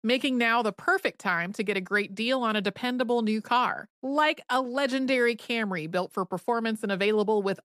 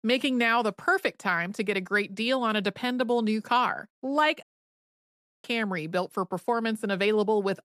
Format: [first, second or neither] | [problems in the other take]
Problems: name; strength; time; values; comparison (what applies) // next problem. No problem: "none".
first | audio cutting out; at 4.5 s for 1 s